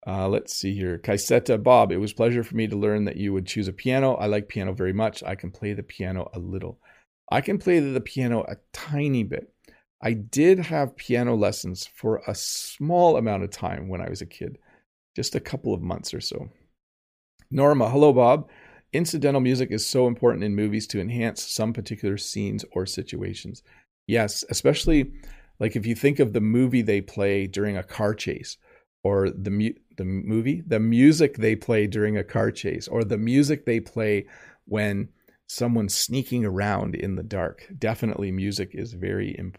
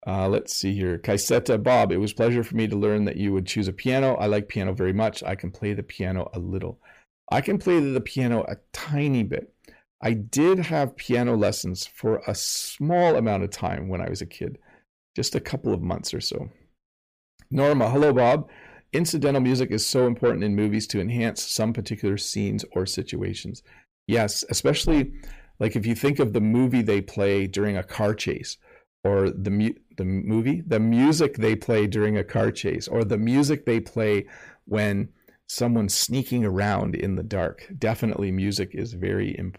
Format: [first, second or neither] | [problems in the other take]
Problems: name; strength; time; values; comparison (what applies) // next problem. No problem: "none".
first | distortion; slight; 10 dB below the speech